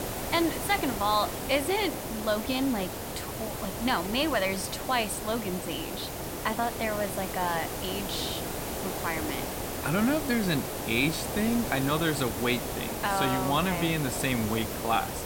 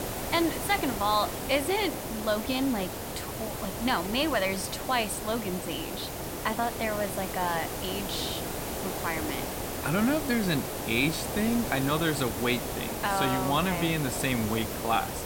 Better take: neither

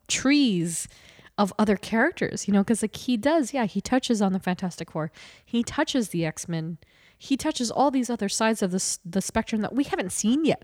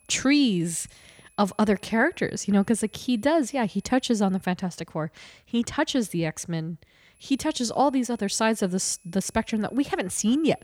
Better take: first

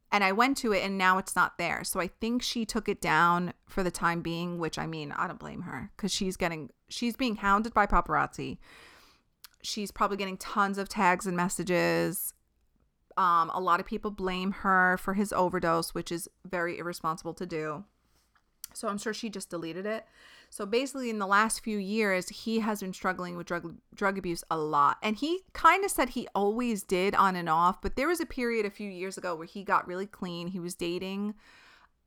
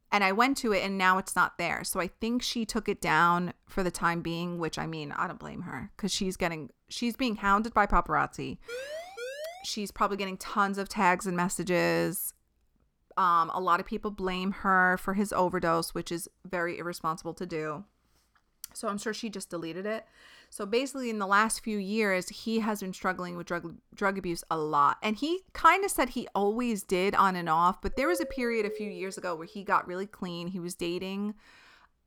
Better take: first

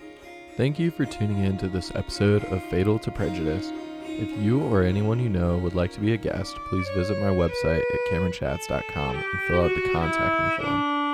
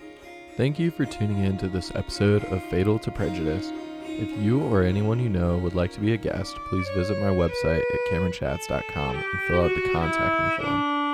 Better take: neither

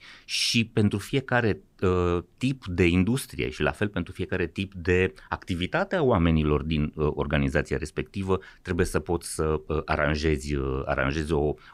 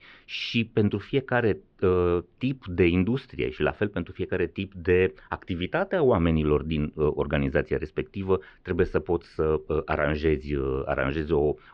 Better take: first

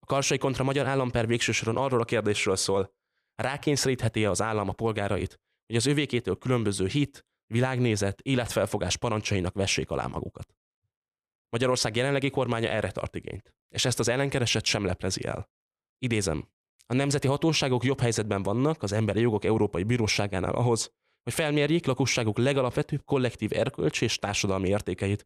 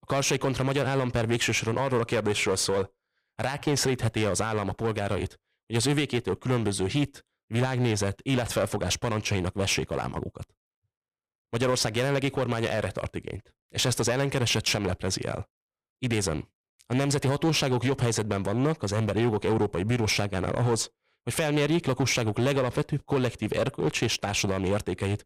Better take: first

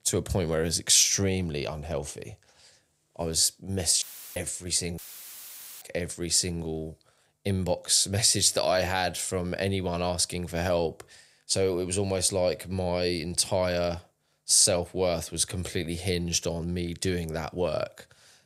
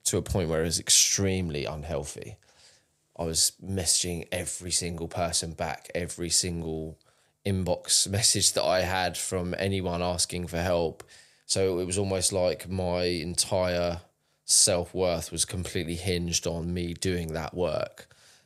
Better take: second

